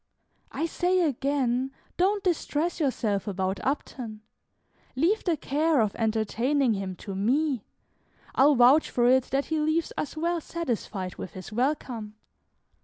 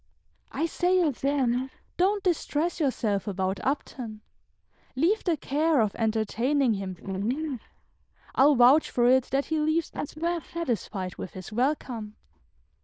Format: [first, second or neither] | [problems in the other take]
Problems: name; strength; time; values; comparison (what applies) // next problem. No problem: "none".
first | noise reduction (neural diffusion model UNIVERSE++)